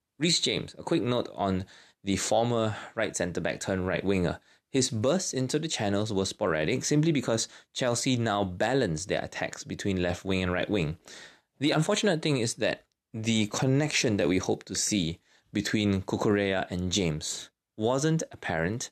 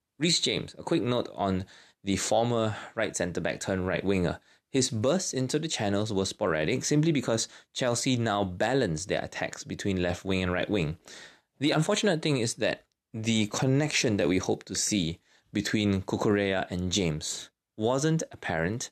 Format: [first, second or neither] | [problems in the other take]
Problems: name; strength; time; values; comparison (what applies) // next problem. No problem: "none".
neither | none